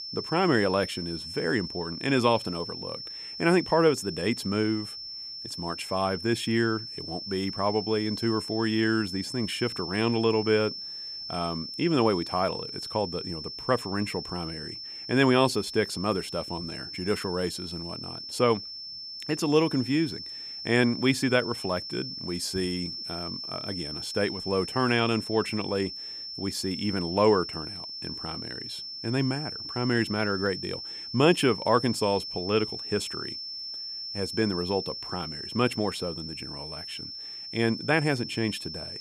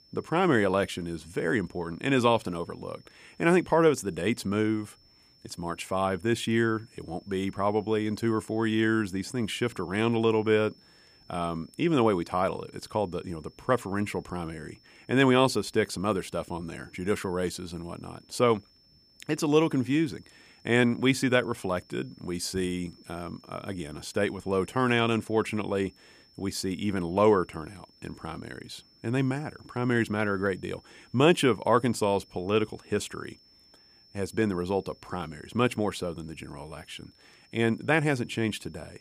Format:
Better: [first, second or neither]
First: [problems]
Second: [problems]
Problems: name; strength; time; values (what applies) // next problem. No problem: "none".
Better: second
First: high-pitched whine; loud; throughout; 5.5 kHz, 8 dB below the speech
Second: high-pitched whine; faint; throughout; 5.5 kHz, 30 dB below the speech